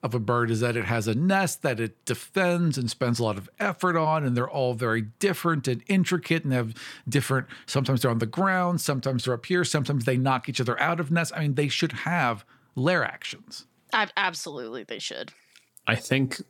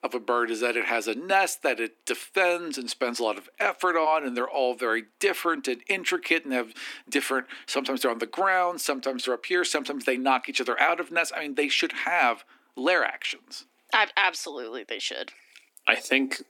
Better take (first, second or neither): first